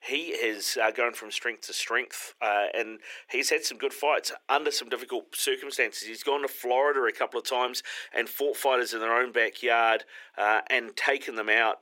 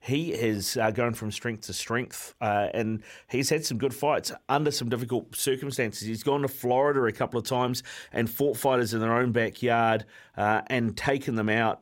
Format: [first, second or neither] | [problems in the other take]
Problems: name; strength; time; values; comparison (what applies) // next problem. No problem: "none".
second | thin; very; fading below 350 Hz